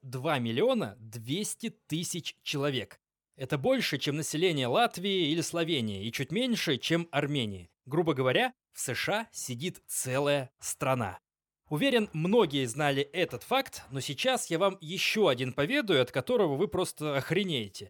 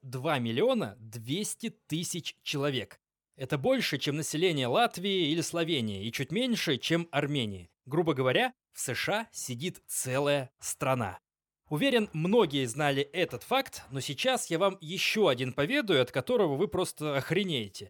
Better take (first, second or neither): neither